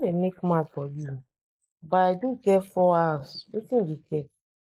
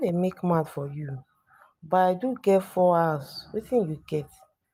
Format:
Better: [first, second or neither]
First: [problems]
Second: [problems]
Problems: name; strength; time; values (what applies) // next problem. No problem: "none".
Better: second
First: noise reduction (neural mask model Resemble Enhance denoiser)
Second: none